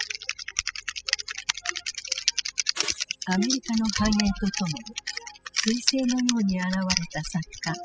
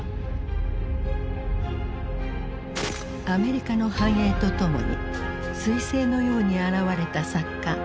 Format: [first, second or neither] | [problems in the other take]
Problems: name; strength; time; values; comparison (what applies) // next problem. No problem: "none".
second | noise reduction (classical method spectral subtraction)